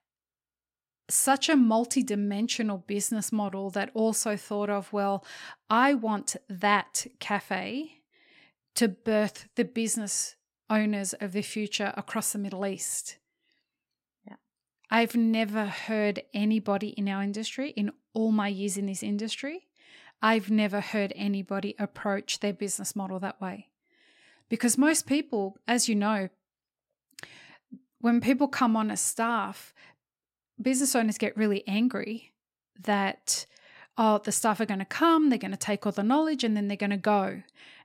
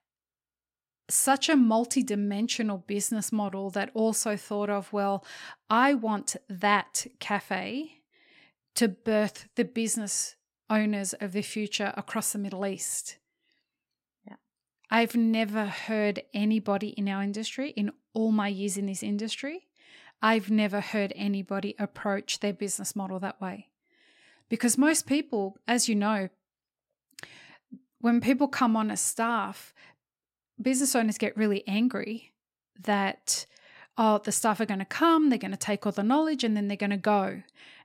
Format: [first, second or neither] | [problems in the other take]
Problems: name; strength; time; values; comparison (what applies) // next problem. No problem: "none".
neither | none